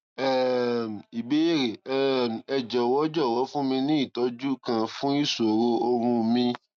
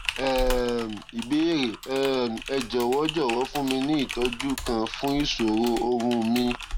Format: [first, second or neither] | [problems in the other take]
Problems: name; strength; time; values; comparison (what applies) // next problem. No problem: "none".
first | background sound (Typing); 9 dB below the speech